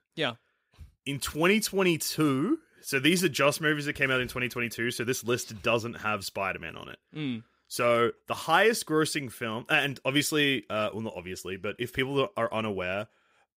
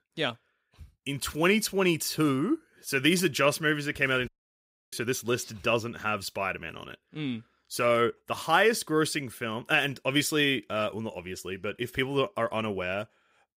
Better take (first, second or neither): first